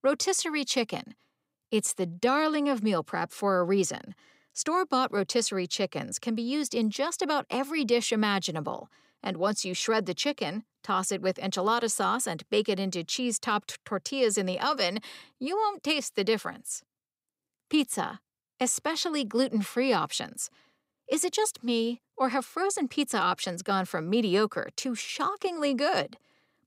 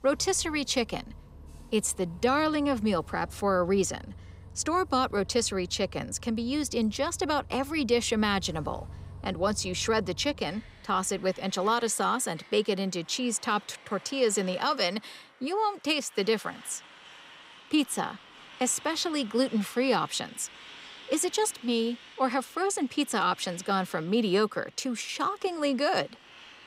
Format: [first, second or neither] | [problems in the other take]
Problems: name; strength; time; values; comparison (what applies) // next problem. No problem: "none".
first | traffic noise; noticeable; throughout; 20 dB below the speech